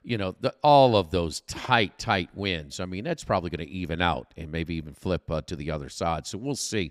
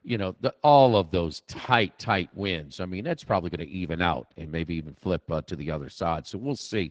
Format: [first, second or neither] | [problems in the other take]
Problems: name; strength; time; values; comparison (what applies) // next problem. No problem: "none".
first | garbled, watery; slightly